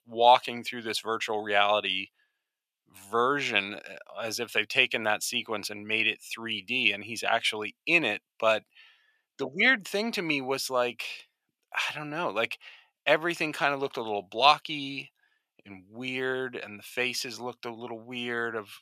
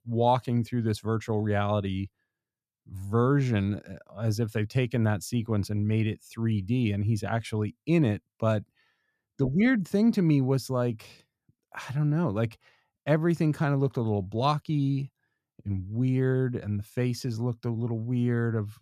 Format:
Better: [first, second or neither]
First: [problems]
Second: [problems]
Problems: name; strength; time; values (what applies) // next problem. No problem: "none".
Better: second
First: thin; very; fading below 650 Hz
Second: none